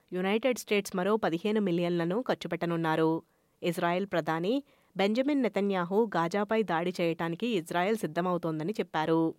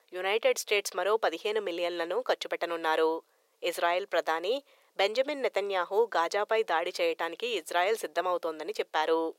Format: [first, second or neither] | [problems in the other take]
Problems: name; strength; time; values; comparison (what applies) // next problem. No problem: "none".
first | thin; very; fading below 450 Hz